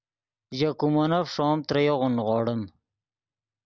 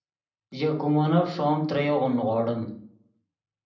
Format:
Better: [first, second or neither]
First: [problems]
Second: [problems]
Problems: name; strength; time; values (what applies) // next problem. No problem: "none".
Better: first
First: none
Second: room echo; dies away in 0.6 s